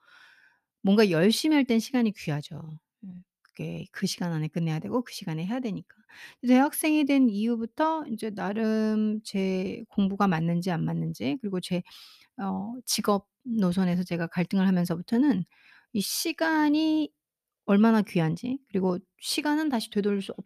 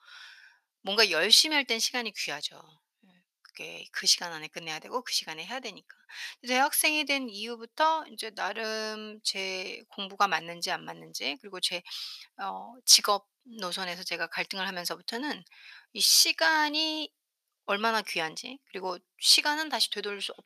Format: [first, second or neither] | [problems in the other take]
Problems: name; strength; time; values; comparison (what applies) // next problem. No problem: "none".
first | thin; very; fading below 750 Hz